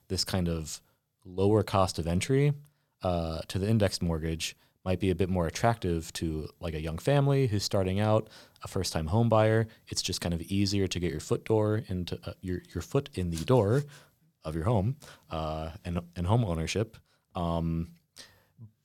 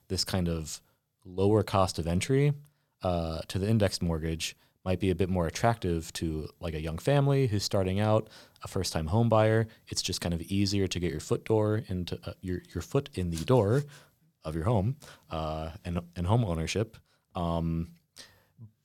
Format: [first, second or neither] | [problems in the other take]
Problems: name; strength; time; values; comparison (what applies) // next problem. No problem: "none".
neither | none